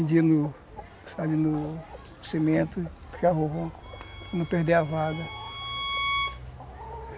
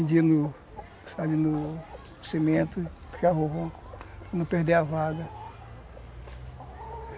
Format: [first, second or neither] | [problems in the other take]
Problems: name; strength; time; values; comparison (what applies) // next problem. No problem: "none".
second | background sound (Bowed string instrument); 8 dB below the speech